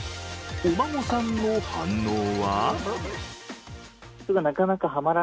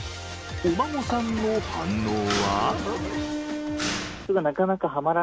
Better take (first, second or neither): first